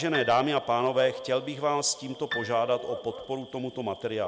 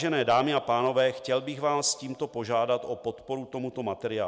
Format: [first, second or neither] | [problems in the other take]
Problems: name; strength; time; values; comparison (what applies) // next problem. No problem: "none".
second | background sound (Piano + Bark / Cricket); 12 dB below the speech